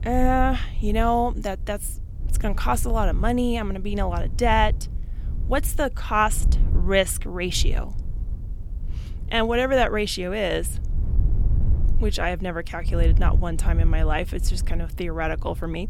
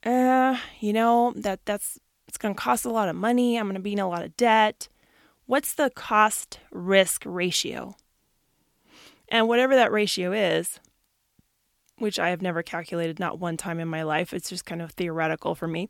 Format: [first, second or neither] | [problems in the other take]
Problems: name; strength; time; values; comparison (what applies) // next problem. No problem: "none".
second | wind noise on the microphone; occasional gusts; 20 dB below the speech